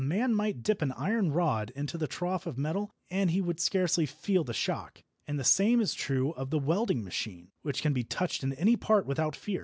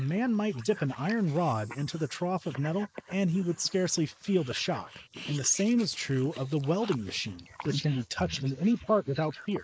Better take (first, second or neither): first